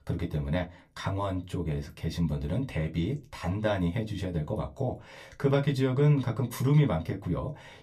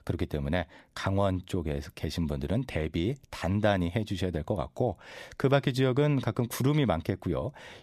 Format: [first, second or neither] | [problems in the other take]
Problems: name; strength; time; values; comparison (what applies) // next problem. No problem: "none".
second | off-mic speech; somewhat distant // room echo; very slight; dies away in 0.2 s